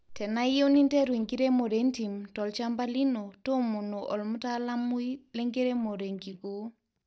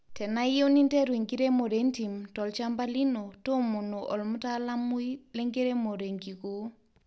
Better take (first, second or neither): second